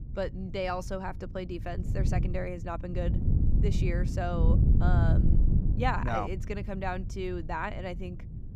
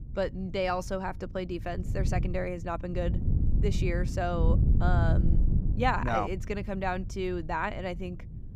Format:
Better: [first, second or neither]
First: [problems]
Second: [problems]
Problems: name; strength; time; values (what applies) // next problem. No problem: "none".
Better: second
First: wind noise on the microphone; heavy; 7 dB below the speech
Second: wind noise on the microphone; occasional gusts; 10 dB below the speech